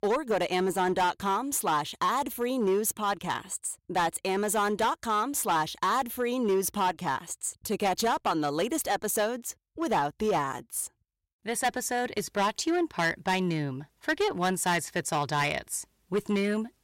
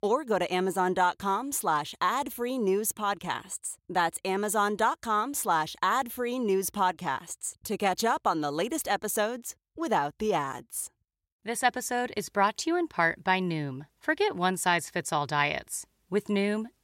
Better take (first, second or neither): second